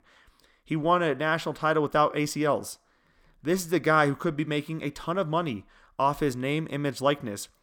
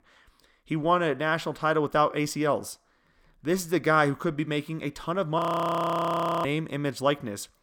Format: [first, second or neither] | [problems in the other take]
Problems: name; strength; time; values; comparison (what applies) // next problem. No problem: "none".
first | audio freezing; at 5.5 s for 1 s